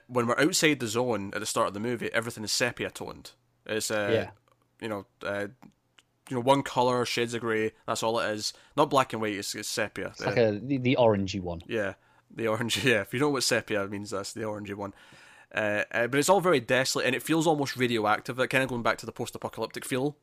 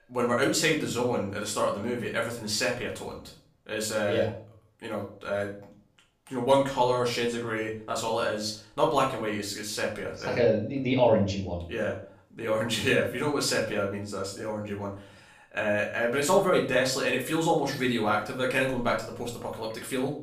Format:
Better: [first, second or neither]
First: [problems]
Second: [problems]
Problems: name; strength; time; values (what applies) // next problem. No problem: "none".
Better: first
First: none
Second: room echo; slight; dies away in 0.4 s // off-mic speech; far